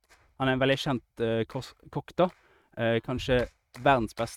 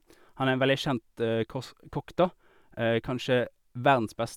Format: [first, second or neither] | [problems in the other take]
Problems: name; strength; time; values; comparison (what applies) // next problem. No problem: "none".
second | noise reduction (neural mask model RNNoise)